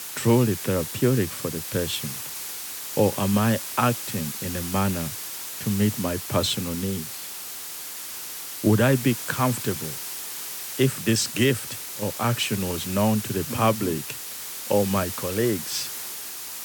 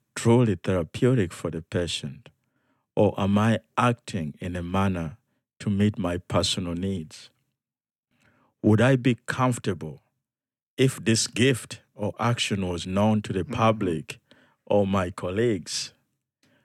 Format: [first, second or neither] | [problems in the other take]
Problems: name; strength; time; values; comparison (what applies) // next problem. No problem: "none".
second | hiss; loud; throughout; 6 dB below the speech